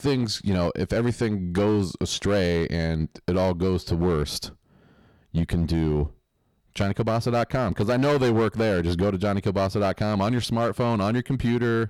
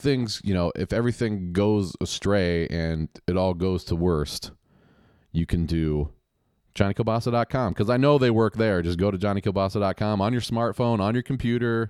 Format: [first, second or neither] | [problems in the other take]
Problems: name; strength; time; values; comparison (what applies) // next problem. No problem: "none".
second | distortion; slight; 9% of the sound clipped